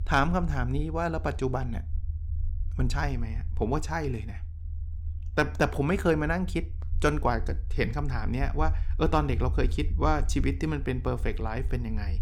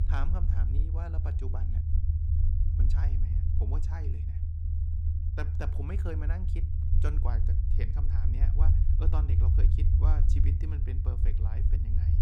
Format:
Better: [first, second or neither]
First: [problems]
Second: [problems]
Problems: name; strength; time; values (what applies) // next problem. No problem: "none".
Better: first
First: low rumble; faint; throughout; 25 dB below the speech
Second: low rumble; loud; throughout; 1 dB below the speech